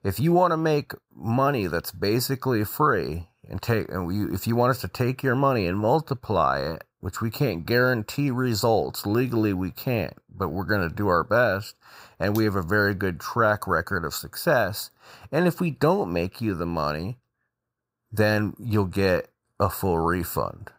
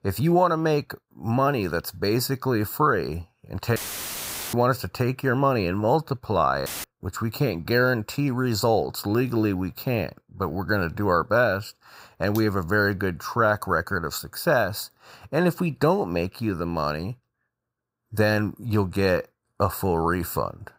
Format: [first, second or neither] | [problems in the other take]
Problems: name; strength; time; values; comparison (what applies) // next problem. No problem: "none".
first | audio cutting out; filled with static; at 4 s for 1 s and at 6.5 s